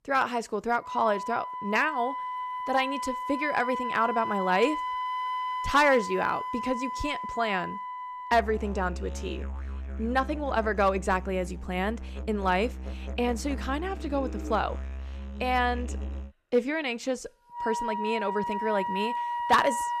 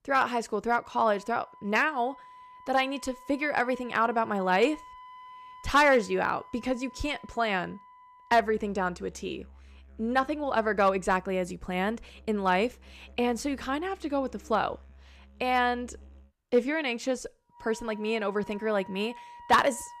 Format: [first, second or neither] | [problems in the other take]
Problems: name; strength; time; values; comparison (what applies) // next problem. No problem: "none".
second | background music; loud; throughout; 6 dB below the speech; faint in the second